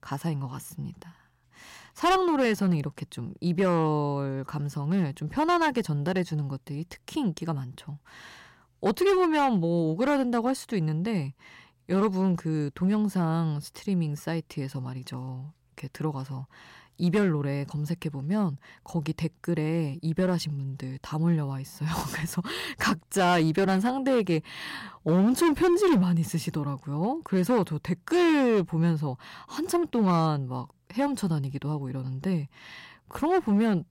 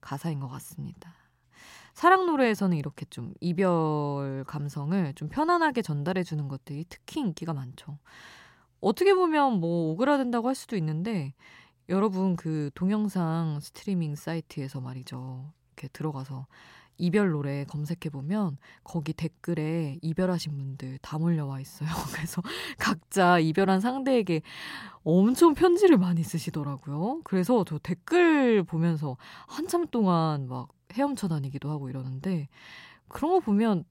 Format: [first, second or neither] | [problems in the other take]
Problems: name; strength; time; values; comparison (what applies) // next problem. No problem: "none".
second | distortion; slight; 5% of the sound clipped